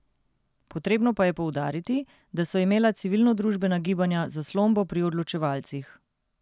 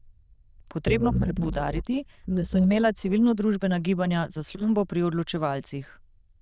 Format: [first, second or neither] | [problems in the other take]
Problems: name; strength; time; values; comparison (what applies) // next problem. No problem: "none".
first | noise reduction (neural diffusion model UNIVERSE++)